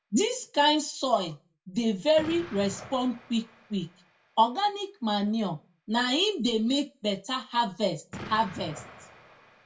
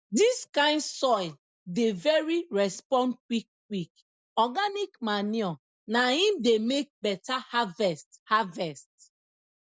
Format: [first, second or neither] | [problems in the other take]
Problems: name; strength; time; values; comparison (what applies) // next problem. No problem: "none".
second | background sound (Explosion); 20 dB below the speech // room echo; dies away in 0.2 s